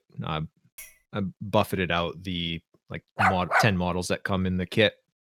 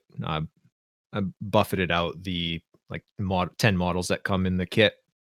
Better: second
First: clattering dishes; faint; at 1 s; peak 20 dB below the speech // dog barking; loud; at 3 s; peak 5 dB above the speech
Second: none

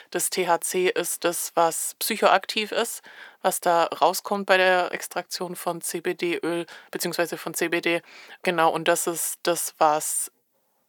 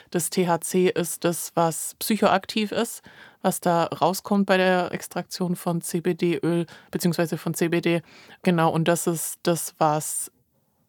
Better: second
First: thin; somewhat; fading below 400 Hz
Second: none

